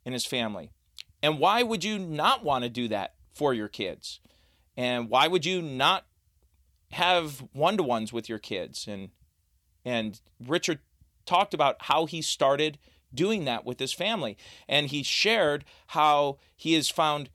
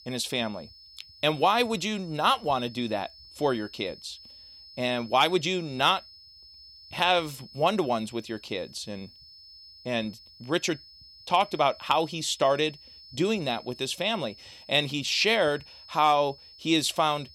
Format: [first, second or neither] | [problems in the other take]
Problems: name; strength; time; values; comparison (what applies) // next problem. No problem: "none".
first | high-pitched whine; faint; throughout; 5 kHz, 20 dB below the speech